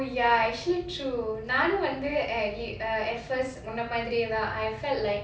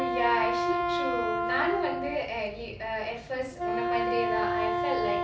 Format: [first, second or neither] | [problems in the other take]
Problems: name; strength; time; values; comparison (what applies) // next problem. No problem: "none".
first | background sound (Wind instrument, woodwind instrument); 2 dB above the speech